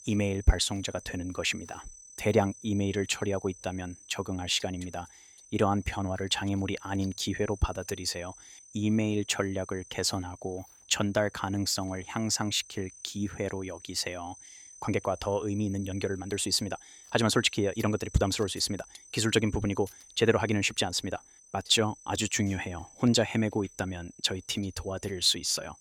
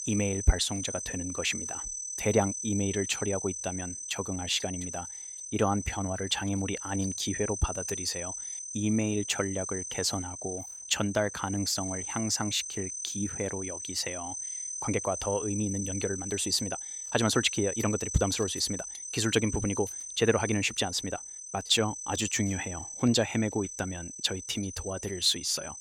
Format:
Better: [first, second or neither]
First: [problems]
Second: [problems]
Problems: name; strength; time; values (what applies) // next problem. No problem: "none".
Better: first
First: high-pitched whine; faint; throughout; 6 kHz, 20 dB below the speech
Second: high-pitched whine; loud; throughout; 6 kHz, 6 dB below the speech